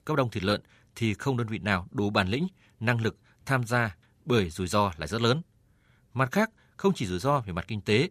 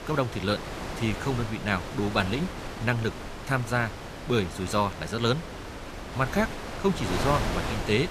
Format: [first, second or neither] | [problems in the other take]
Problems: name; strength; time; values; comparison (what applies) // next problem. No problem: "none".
first | wind noise on the microphone; heavy; 6 dB below the speech